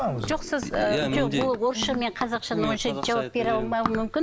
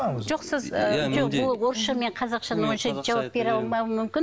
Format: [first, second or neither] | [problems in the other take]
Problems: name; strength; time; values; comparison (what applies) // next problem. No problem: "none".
second | background sound (Run); 11 dB below the speech